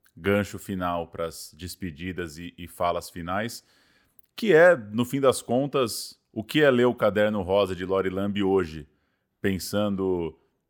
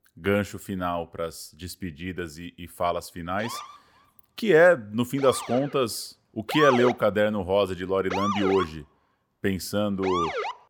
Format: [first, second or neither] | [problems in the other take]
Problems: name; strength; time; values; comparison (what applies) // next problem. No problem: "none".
first | siren; loud; from 3.5 s on; peak level with the speech